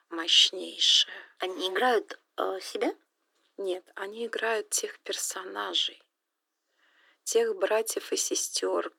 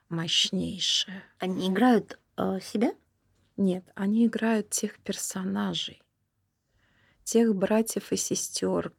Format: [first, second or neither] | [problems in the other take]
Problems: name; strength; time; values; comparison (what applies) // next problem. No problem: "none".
second | thin; very; fading below 300 Hz